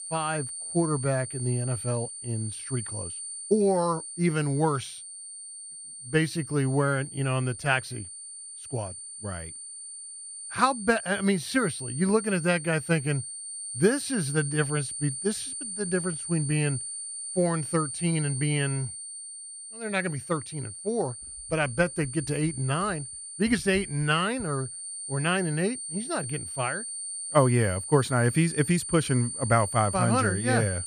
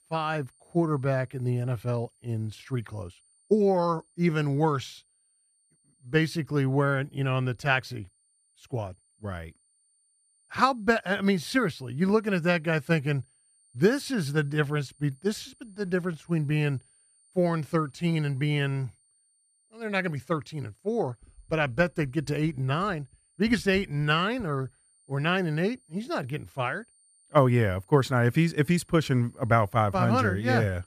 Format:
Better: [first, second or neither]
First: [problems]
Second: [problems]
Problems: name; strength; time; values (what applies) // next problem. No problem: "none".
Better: second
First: high-pitched whine; loud; throughout; 9 kHz, 8 dB below the speech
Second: high-pitched whine; faint; throughout; 9 kHz, 35 dB below the speech